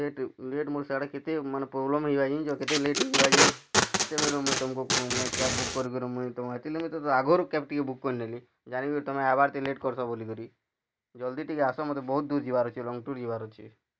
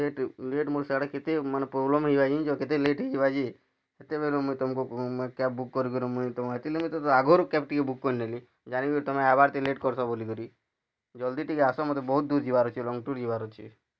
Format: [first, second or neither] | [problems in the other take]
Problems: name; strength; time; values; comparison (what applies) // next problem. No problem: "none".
second | background sound (Packing tape, duct tape); 3 dB above the speech